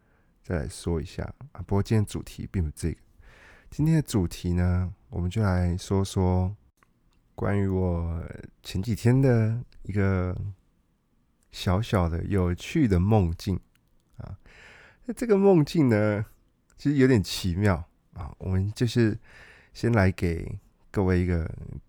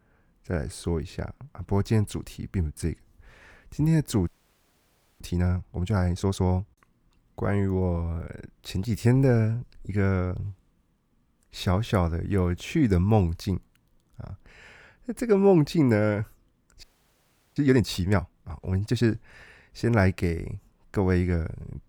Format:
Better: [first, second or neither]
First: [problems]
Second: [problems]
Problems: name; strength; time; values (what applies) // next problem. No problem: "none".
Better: first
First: none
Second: audio freezing; at 4.5 s for 1 s and at 17 s for 0.5 s